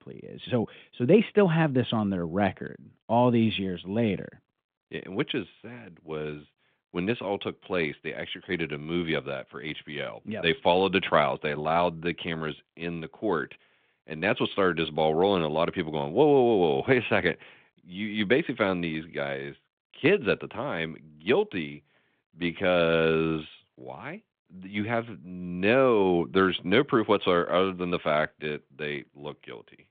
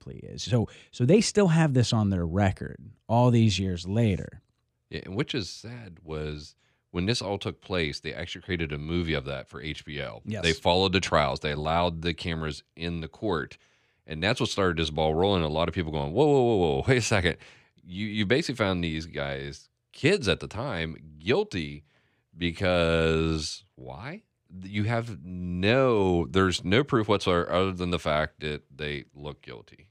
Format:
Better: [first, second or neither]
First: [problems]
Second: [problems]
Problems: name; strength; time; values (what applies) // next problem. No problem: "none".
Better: second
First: phone-call audio; nothing above 3.5 kHz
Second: none